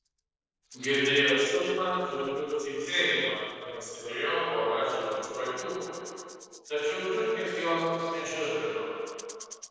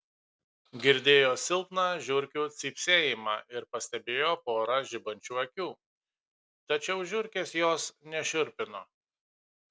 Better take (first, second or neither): second